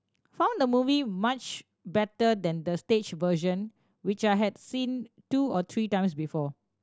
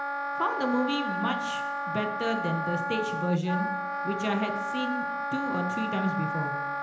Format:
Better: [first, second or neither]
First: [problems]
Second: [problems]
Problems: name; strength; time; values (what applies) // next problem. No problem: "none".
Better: first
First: none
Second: background sound (Wind instrument, woodwind instrument); 1 dB below the speech // room echo; dies away in 0.9 s